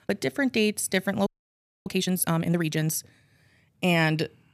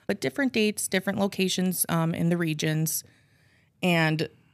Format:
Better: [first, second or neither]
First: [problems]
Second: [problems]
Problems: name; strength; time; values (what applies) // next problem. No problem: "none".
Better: second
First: audio freezing; at 1.5 s for 0.5 s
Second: none